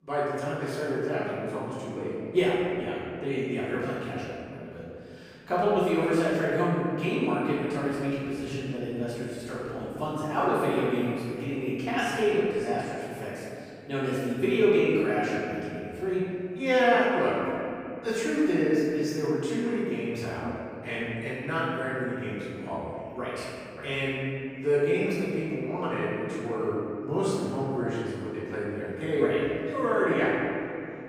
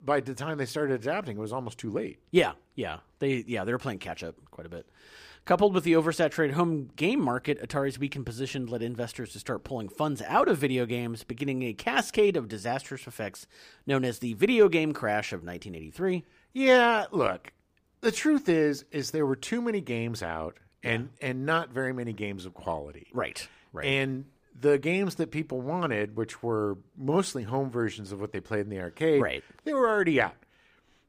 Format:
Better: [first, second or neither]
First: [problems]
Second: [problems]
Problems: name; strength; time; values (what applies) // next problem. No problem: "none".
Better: second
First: off-mic speech; far // room echo; strong; dies away in 2.5 s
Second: none